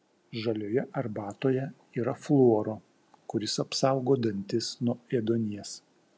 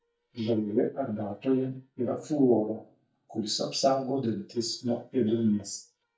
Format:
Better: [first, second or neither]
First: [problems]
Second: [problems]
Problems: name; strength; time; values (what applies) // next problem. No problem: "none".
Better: first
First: none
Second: noise reduction (neural mask model DeepFilterNet 3)